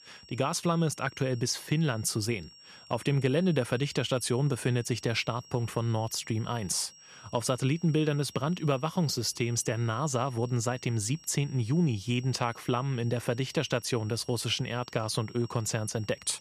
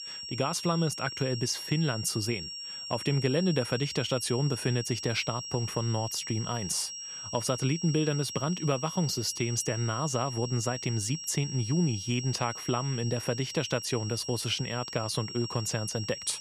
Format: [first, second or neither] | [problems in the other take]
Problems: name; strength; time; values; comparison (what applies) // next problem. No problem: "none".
first | high-pitched whine; loud; throughout; 5.5 kHz, 7 dB below the speech; faint in the first